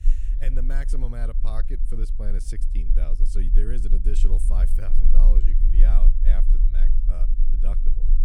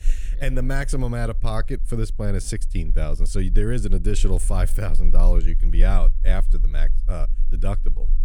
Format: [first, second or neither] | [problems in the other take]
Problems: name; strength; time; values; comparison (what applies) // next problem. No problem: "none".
second | low rumble; loud; throughout; 7 dB below the speech; faint in the second